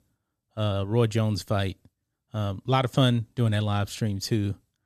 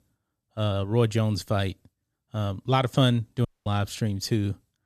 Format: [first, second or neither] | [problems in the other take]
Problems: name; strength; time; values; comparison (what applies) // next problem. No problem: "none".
first | audio cutting out; at 3.5 s